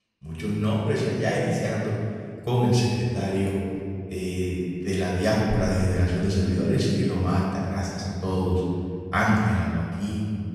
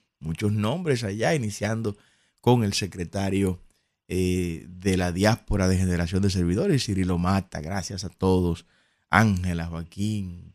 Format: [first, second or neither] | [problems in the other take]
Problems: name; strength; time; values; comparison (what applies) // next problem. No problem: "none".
second | off-mic speech; far // room echo; strong; dies away in 2.1 s